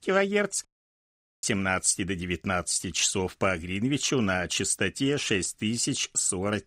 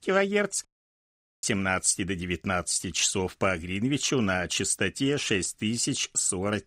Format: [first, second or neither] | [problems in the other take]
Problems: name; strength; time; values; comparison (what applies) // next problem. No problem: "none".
neither | audio cutting out; at 0.5 s for 1 s; the same in both